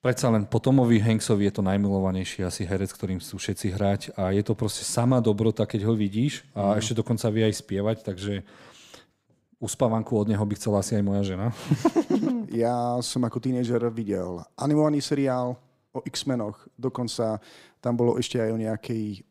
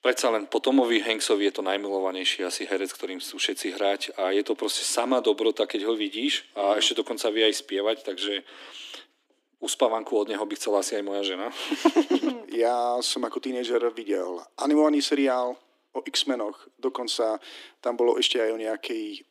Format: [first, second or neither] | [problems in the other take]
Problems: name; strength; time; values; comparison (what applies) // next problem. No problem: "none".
first | thin; somewhat; fading below 300 Hz